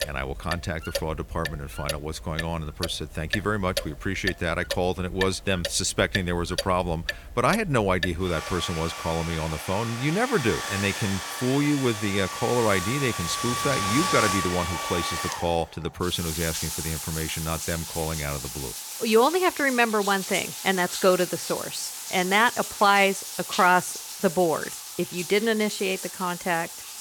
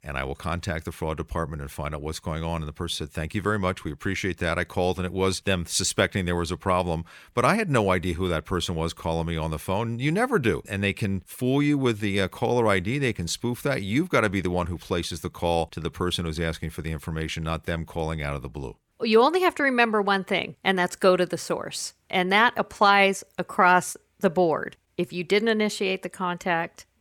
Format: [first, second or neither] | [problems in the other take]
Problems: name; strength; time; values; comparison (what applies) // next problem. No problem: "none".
second | household noises; loud; throughout; 6 dB below the speech